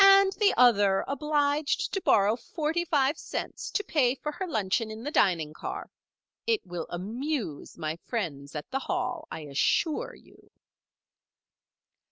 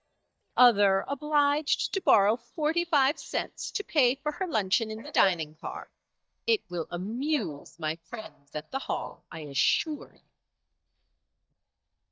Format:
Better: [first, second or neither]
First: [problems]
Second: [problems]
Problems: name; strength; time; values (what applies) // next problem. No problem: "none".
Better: first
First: none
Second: noise reduction (neural mask model DeepFilterNet 3)